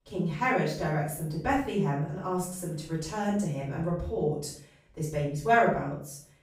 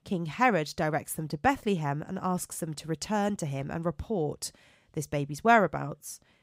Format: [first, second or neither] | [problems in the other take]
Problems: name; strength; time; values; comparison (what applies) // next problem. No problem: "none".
second | room echo; noticeable; dies away in 0.5 s // off-mic speech; far